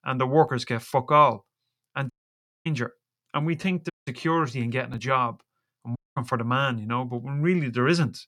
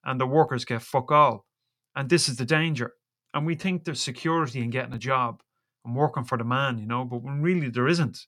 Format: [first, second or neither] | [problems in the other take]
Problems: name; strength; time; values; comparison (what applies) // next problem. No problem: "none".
second | audio cutting out; at 2 s for 0.5 s, at 4 s and at 6 s